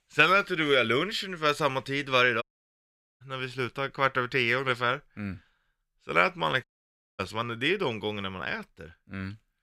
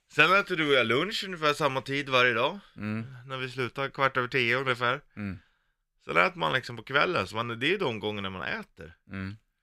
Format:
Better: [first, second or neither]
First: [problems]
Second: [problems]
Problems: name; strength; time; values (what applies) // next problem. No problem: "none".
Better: second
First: audio cutting out; at 2.5 s for 1 s and at 6.5 s for 0.5 s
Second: none